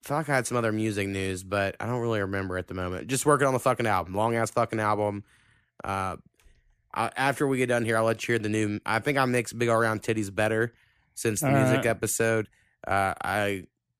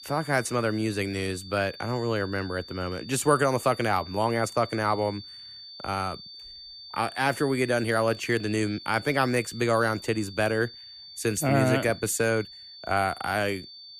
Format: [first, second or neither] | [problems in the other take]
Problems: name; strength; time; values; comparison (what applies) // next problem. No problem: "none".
first | high-pitched whine; noticeable; throughout; 4.5 kHz, 15 dB below the speech